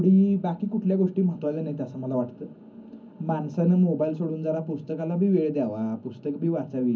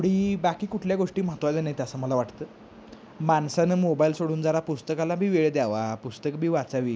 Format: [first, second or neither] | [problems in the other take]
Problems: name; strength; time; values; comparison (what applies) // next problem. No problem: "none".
second | room echo; dies away in 0.4 s